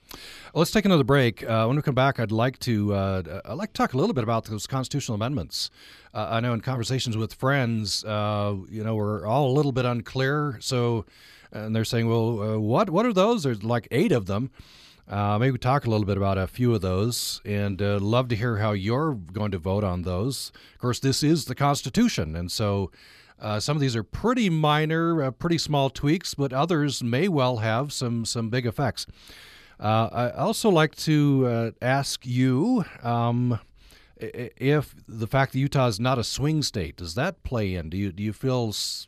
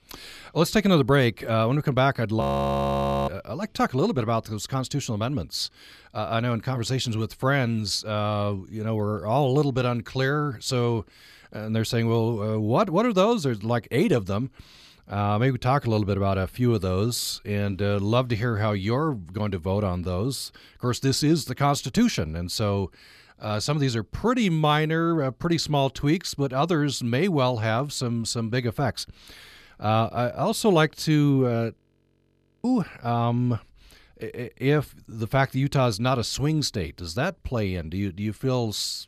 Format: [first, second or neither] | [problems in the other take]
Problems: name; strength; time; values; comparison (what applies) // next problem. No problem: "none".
first | audio freezing; at 2.5 s for 1 s and at 32 s for 1 s